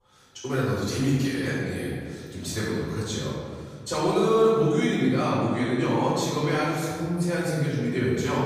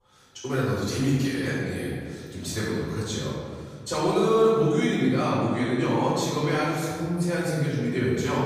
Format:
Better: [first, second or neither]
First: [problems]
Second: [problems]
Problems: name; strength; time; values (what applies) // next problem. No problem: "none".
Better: neither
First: room echo; strong; dies away in 1.8 s // off-mic speech; far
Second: room echo; strong; dies away in 1.8 s // off-mic speech; far